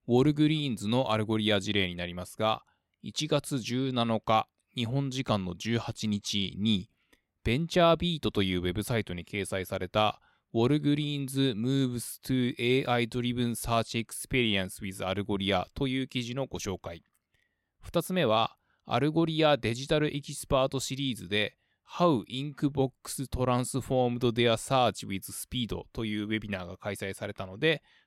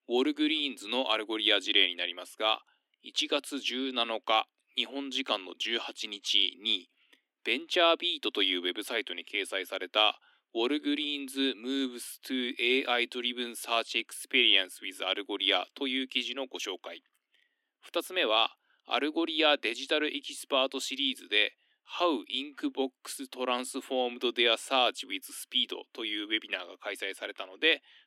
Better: first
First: none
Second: thin; very slightly; fading below 250 Hz

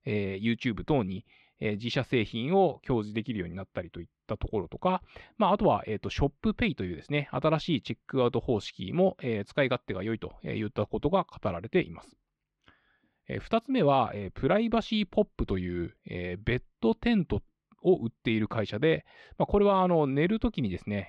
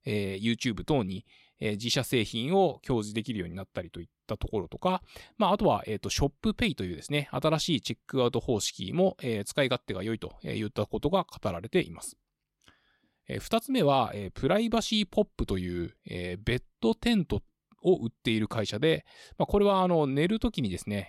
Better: second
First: muffled; slightly; fading above 2.5 kHz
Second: none

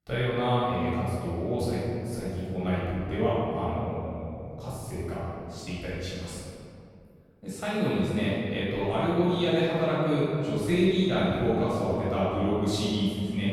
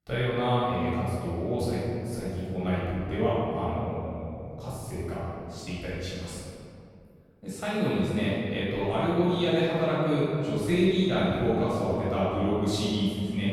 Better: neither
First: off-mic speech; far // room echo; strong; dies away in 2.3 s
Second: off-mic speech; far // room echo; strong; dies away in 2.3 s

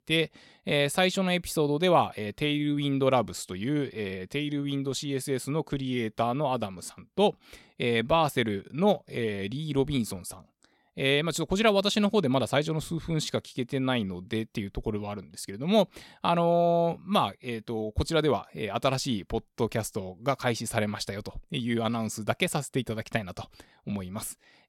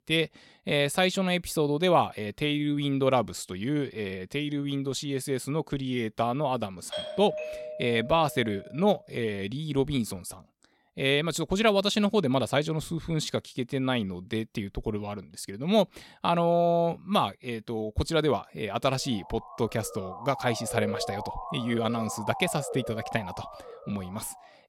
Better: first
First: none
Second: doorbell; noticeable; from 7 to 9 s; peak 6 dB below the speech // siren; noticeable; from 19 s on; peak 5 dB below the speech

